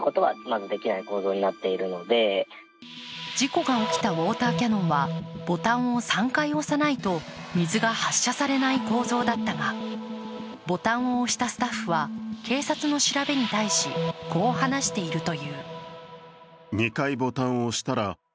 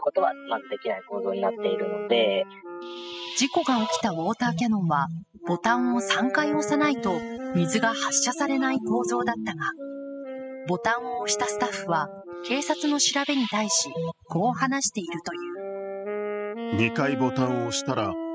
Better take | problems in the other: first | noise reduction (classical method spectral subtraction)

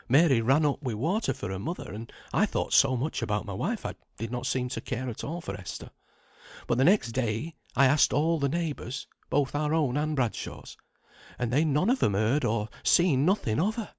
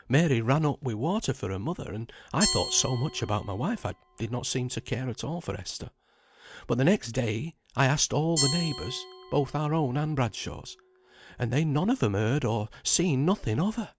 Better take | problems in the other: first | background sound (Glass); 12 dB below the speech

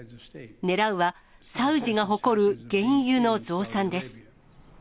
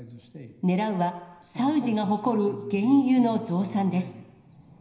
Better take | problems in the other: first | room echo; dies away in 0.9 s

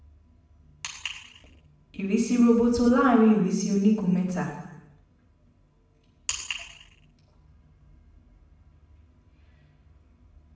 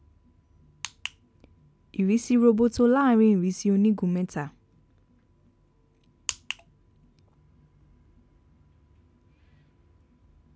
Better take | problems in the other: second | room echo; dies away in 0.9 s

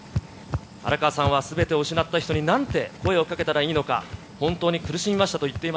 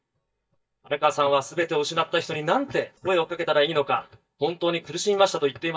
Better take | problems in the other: first | noise reduction (neural mask model DeepFilterNet 3)

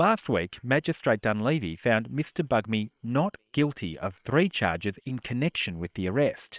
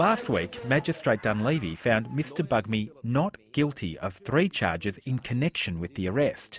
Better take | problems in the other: second | noise reduction (neural separator model SepFormer WHAM!)

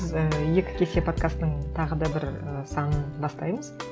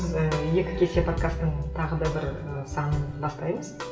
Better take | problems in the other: first | room echo; dies away in 1 s

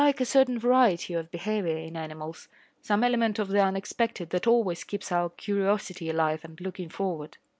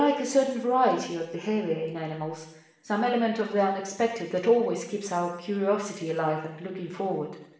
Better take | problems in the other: first | room echo; dies away in 0.9 s

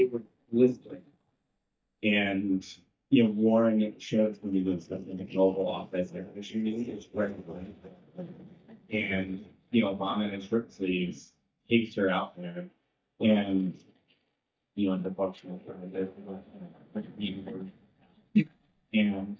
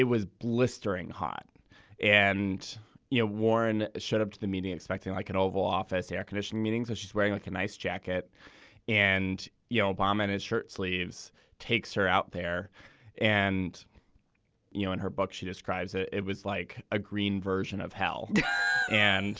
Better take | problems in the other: second | noise reduction (neural mask model DeepFilterNet 3)

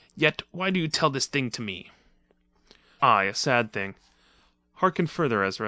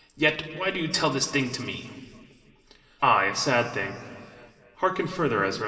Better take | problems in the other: first | room echo; dies away in 2.4 s

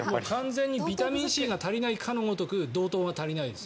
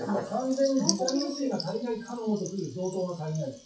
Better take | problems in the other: first | noise reduction (classical method WPE with log-MMSE)

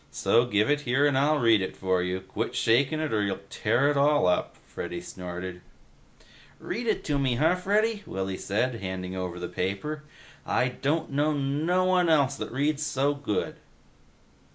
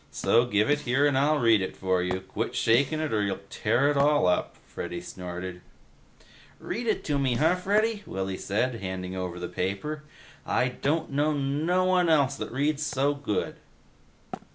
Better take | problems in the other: first | background sound (Snare drum + Wood); 19 dB below the speech

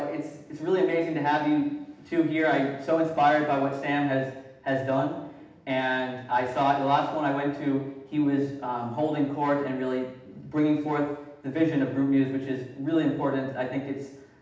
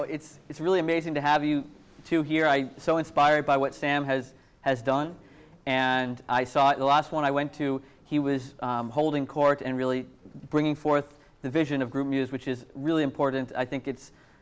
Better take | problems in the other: second | room echo; dies away in 0.8 s

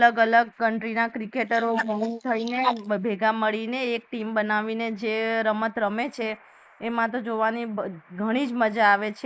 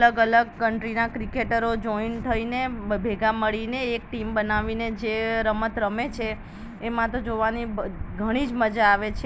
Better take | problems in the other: second | noise reduction (neural mask model Resemble Enhance denoiser)

